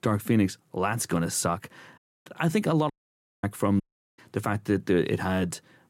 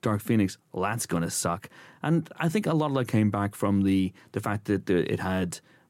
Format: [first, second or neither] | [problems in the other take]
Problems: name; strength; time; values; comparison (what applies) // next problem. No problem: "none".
second | audio cutting out; at 2 s, at 3 s for 0.5 s and at 4 s